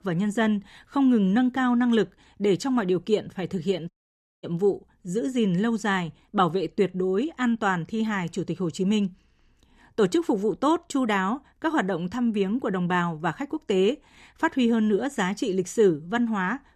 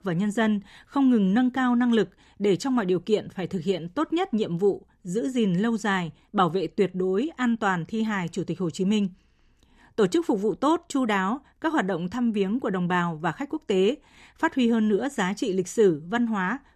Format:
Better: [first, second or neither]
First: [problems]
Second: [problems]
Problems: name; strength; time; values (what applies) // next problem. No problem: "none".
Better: second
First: audio cutting out; at 4 s for 0.5 s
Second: none